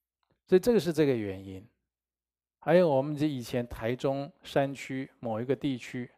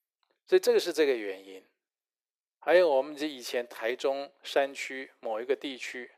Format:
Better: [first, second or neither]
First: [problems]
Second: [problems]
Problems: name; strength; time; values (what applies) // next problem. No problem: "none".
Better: first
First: none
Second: thin; somewhat; fading below 400 Hz